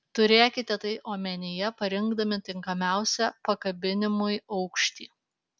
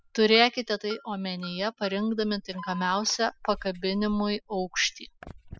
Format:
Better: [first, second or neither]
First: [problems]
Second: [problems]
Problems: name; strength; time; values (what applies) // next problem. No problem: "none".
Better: first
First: none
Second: noise reduction (classical method spectral subtraction)